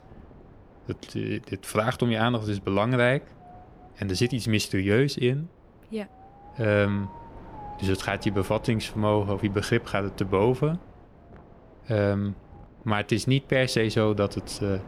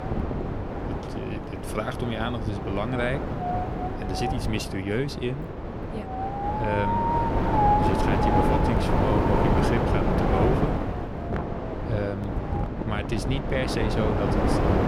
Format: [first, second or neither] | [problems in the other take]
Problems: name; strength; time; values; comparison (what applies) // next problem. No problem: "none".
first | wind noise on the microphone; heavy; 5 dB above the speech; occasional gusts in the first